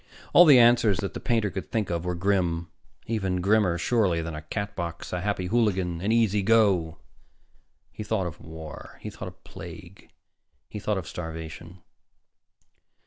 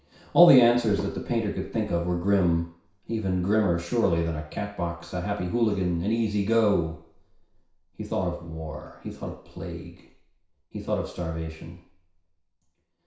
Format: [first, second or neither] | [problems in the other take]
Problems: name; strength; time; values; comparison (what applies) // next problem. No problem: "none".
first | room echo; dies away in 0.6 s